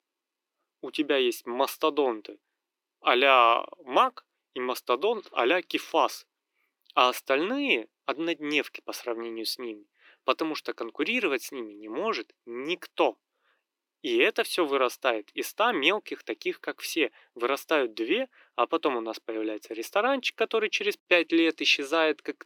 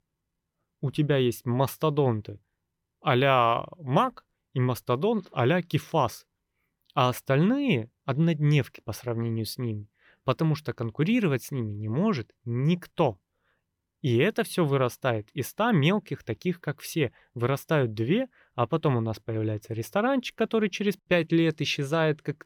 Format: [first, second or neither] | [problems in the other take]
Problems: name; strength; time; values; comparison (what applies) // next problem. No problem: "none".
second | thin; somewhat; fading below 300 Hz